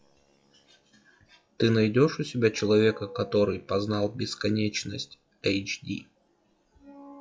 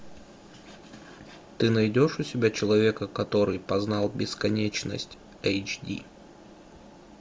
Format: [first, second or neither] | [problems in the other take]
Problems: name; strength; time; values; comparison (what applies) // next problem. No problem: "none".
second | noise reduction (classical method log-MMSE)